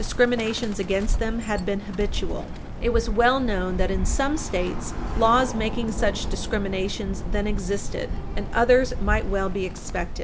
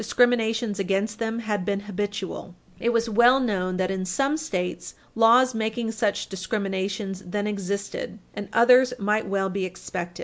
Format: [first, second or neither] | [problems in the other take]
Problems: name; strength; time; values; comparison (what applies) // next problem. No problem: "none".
second | background sound (Bird); 2 dB below the speech